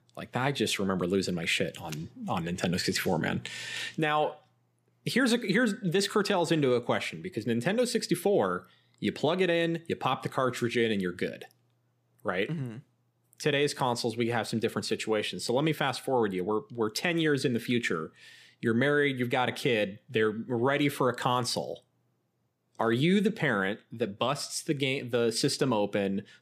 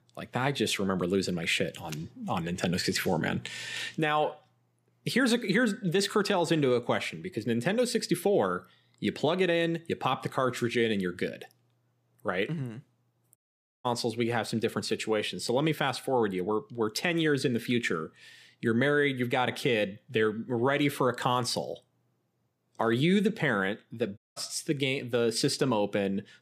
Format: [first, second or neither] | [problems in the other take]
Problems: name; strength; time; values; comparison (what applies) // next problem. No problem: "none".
first | audio cutting out; at 13 s and at 24 s